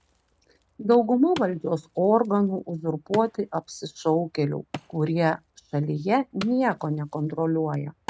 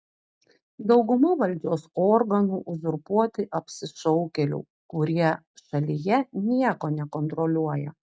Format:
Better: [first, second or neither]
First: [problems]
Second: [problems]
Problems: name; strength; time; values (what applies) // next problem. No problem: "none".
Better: second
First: background sound (Wood); 19 dB below the speech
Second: none